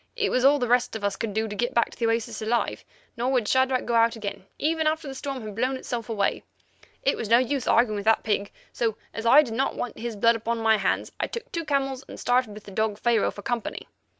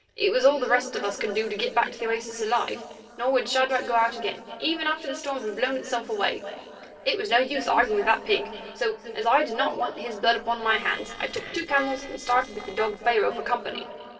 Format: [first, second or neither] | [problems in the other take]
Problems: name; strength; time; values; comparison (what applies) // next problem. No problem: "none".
first | noise reduction (neural separator model SepFormer DNS4)